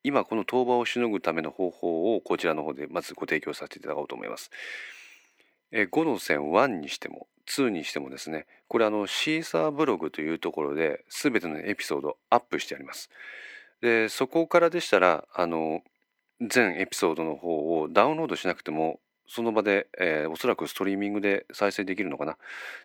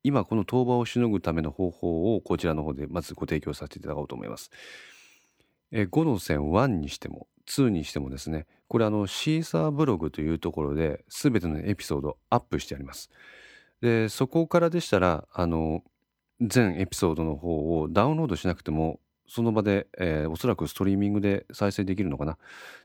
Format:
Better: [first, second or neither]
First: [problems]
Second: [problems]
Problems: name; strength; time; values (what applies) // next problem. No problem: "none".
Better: second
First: thin; somewhat; fading below 350 Hz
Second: none